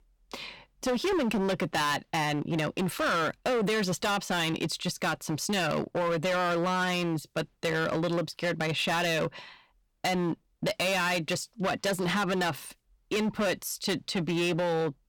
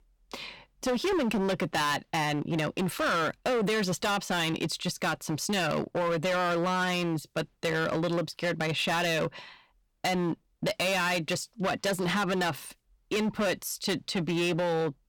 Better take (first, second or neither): neither